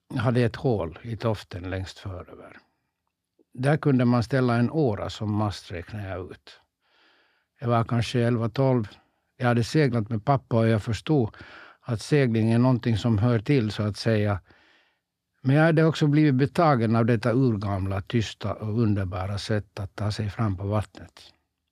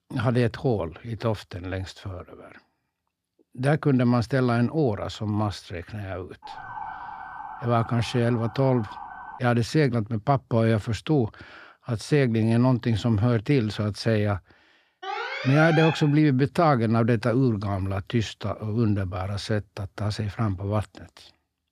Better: first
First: none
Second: siren; faint; from 6.5 to 9.5 s; peak 10 dB below the speech // alarm; noticeable; from 15 to 16 s; peak 3 dB below the speech

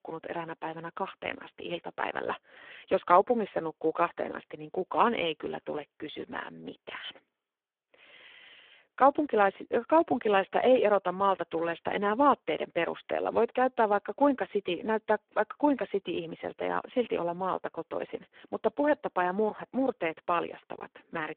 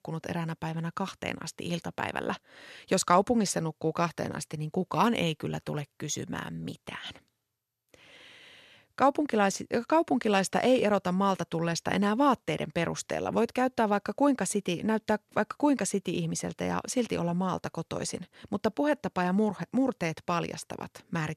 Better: second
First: phone-call audio; poor line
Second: none

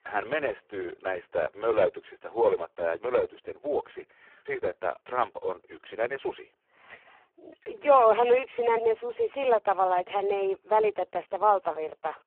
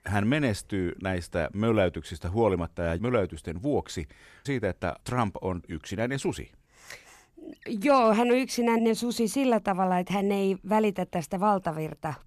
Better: second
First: phone-call audio; poor line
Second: none

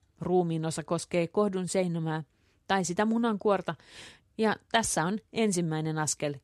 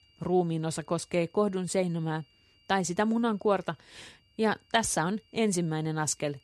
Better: first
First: none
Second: high-pitched whine; faint; throughout; 3 kHz, 35 dB below the speech

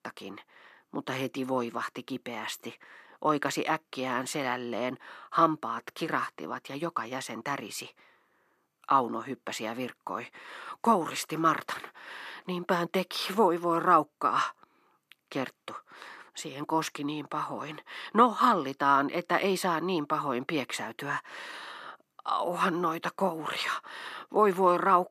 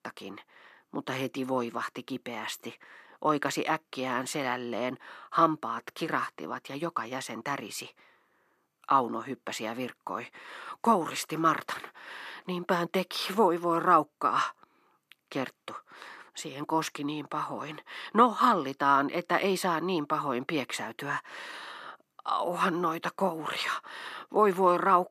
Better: neither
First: thin; somewhat; fading below 300 Hz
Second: thin; somewhat; fading below 300 Hz

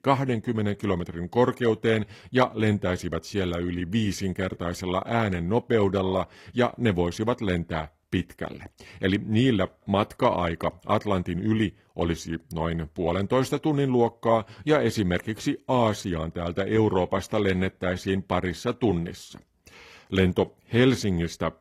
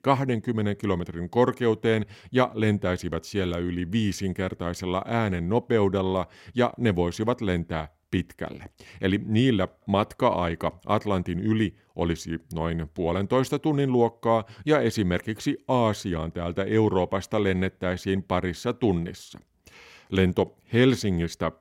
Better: second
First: garbled, watery; slightly; nothing above 14.5 kHz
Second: none

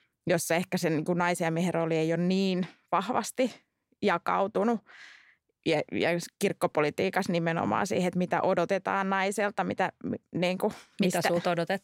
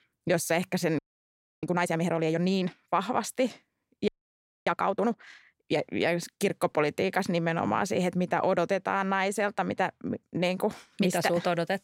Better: first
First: none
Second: audio freezing; at 1 s for 0.5 s and at 4 s for 0.5 s

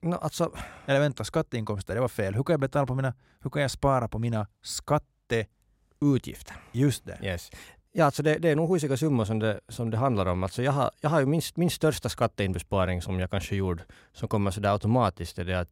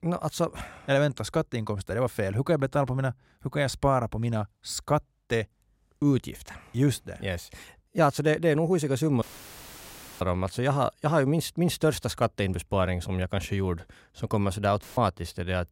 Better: first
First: none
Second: audio cutting out; filled with static; at 9 s for 1 s and at 15 s

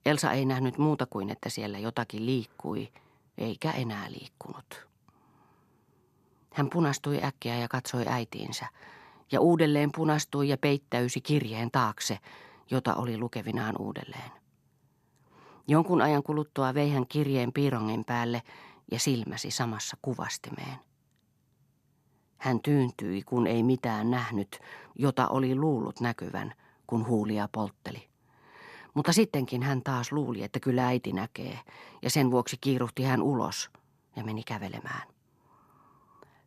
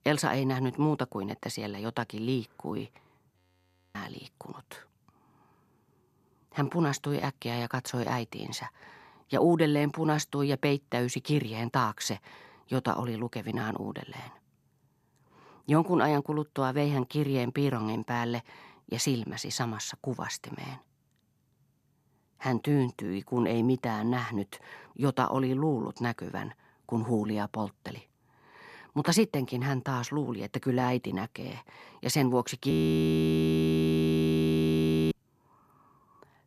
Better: first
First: none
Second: audio freezing; at 3.5 s for 0.5 s and at 33 s for 2.5 s

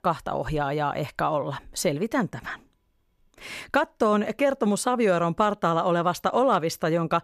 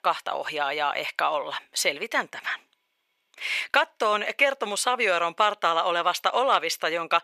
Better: first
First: none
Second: thin; very; fading below 600 Hz

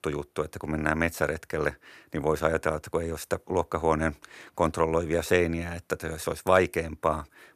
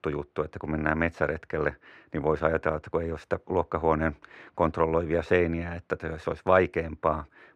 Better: first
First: none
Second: muffled; slightly; fading above 2.5 kHz

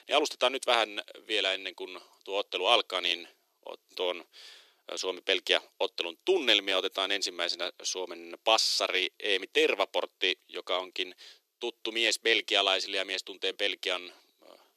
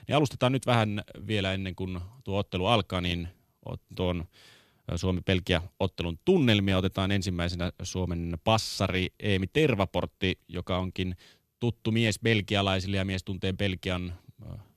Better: second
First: thin; very; fading below 350 Hz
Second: none

